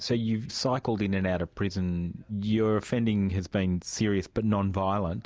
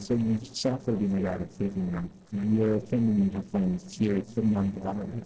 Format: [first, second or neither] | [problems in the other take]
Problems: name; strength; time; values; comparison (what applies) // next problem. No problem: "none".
first | noise reduction (neural separator model SepFormer DNS4)